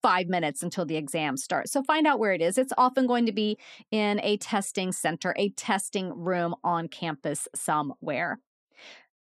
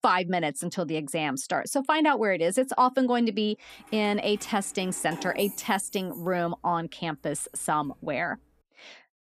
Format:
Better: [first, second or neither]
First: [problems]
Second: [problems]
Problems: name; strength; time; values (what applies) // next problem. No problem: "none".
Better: first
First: none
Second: jangling keys; faint; from 3.5 to 8 s; peak 10 dB below the speech